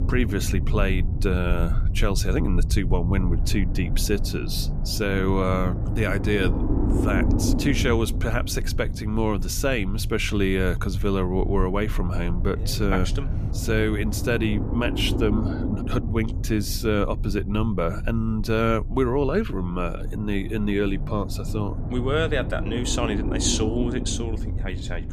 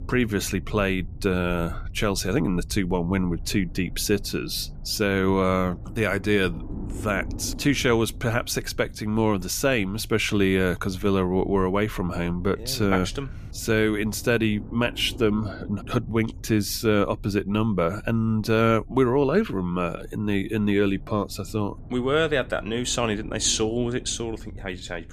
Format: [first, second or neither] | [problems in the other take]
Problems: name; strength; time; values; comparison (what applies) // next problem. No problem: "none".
second | low rumble; loud; throughout; 10 dB below the speech; faint in the second